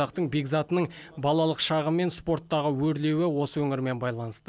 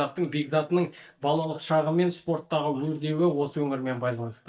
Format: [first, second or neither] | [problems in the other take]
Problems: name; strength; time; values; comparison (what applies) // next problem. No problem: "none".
first | noise reduction (neural mask model DeepFilterNet 3)